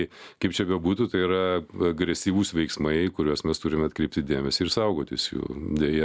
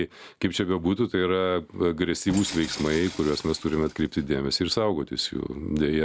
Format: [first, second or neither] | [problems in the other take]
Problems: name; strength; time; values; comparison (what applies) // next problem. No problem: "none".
first | background sound (Tools); 14 dB below the speech